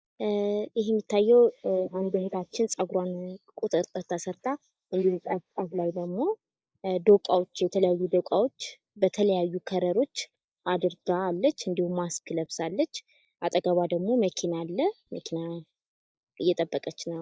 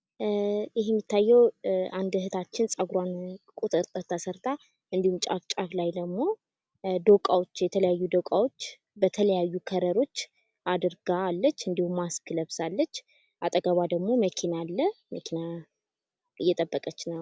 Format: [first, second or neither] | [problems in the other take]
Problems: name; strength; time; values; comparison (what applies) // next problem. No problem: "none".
second | noise reduction (neural mask model Resemble Enhance denoiser)